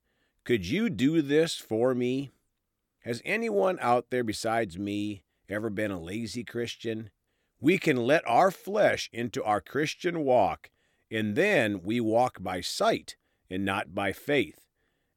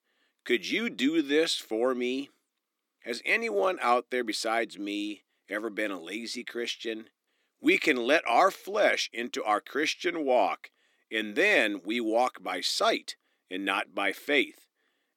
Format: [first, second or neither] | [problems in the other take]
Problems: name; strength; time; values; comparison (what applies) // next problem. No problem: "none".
first | thin; very slightly; fading below 250 Hz